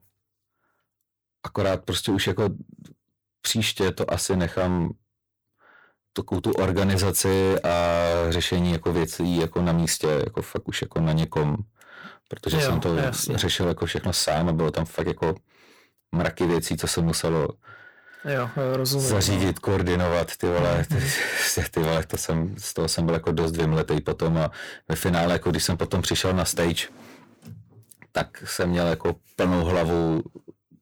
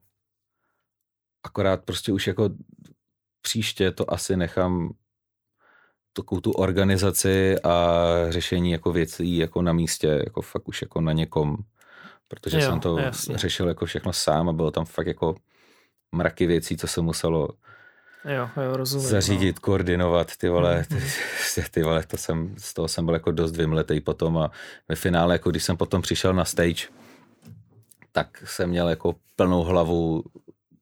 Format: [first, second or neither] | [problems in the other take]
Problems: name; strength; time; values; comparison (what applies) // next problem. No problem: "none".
second | distortion; heavy; 12% of the sound clipped